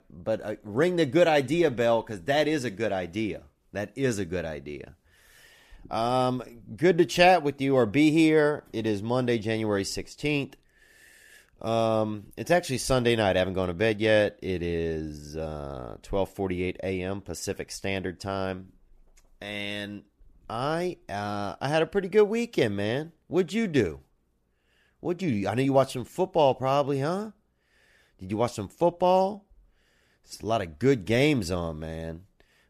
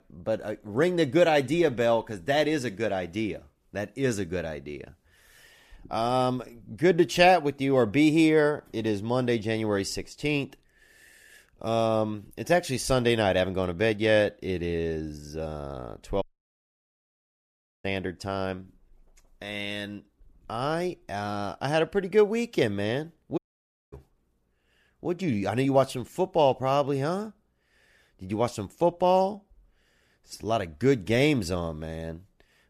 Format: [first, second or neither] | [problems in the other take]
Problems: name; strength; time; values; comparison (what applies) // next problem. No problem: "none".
first | audio cutting out; at 16 s for 1.5 s and at 23 s for 0.5 s